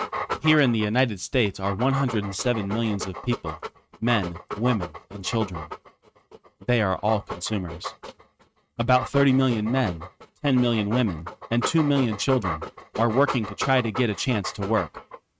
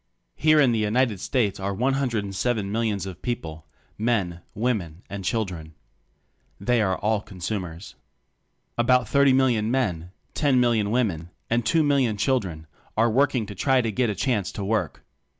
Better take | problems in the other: second | noise reduction (neural mask model RNNoise)

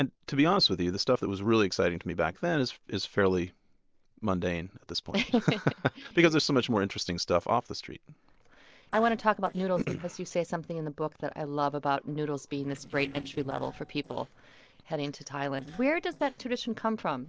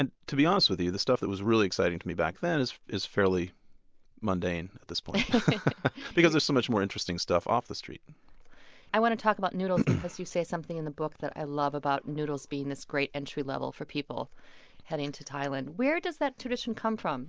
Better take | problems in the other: second | noise reduction (neural separator model SepFormer DNS4)

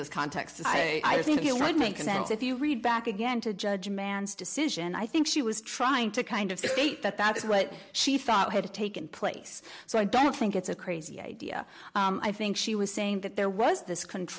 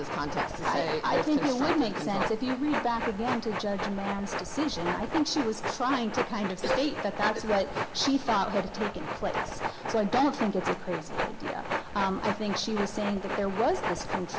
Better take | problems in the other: first | background sound (Train); 4 dB below the speech // room echo; dies away in 1.4 s

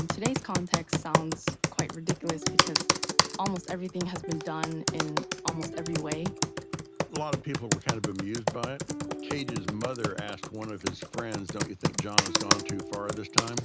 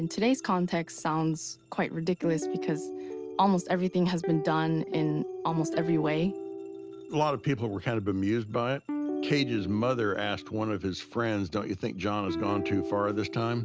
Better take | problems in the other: second | background sound (Computer keyboard); 5 dB above the speech

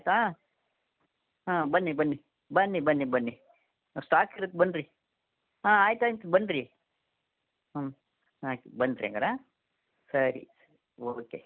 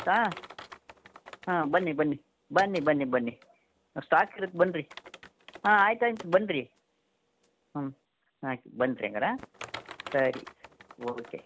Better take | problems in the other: first | background sound (Typing); 18 dB below the speech

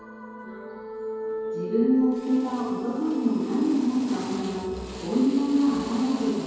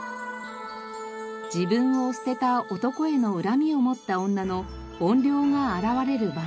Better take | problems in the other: second | background sound (Drill); 19 dB below the speech // room echo; dies away in 2.2 s

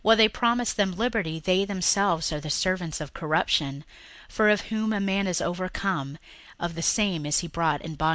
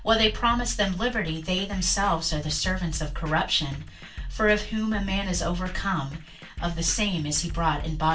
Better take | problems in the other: first | background sound (Drum kit); 8 dB below the speech // room echo; dies away in 0.2 s

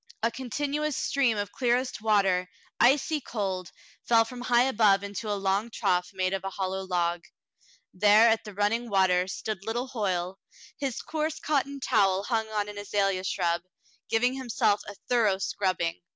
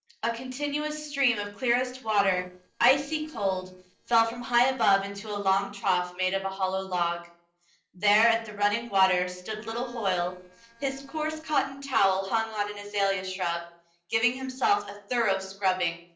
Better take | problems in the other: first | noise reduction (neural separator model SepFormer DNS4)

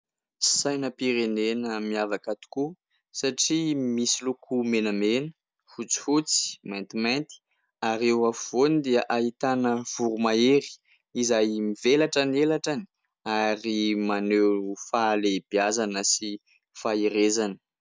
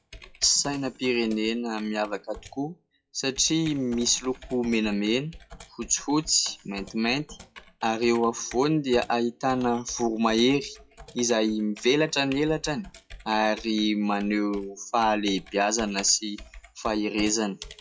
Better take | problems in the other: first | noise reduction (classical method WPE with log-MMSE)

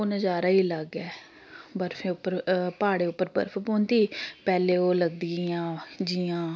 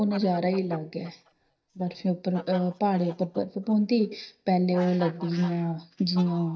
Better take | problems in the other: first | noise reduction (neural mask model DeepFilterNet 3)

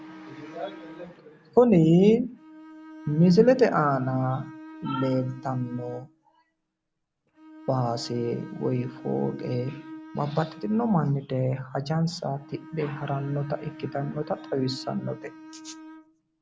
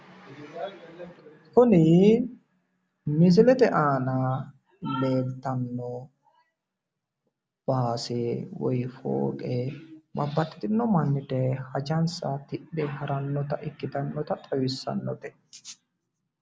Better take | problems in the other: second | background sound (Bowed string instrument); 18 dB below the speech

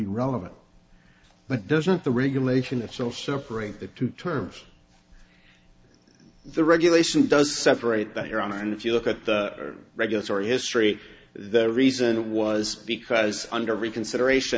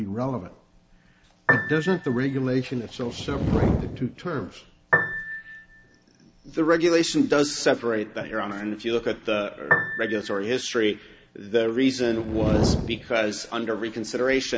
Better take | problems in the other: first | background sound (Piano + Fire); 1 dB below the speech

